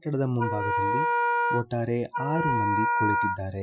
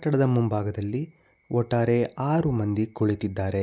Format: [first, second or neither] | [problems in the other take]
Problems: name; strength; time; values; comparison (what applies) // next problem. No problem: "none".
second | noise reduction (classical method Wiener filter)